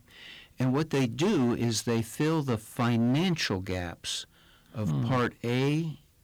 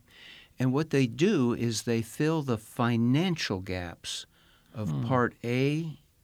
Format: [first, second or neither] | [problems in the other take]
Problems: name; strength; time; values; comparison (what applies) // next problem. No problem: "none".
second | distortion; slight; 10% of the sound clipped